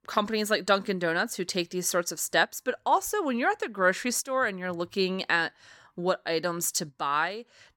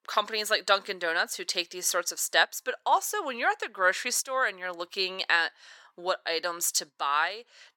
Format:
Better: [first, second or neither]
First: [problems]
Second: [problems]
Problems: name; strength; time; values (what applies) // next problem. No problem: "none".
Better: first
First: none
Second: thin; very; fading below 550 Hz